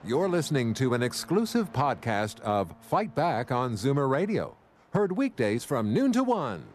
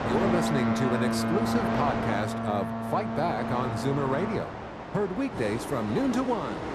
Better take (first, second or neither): first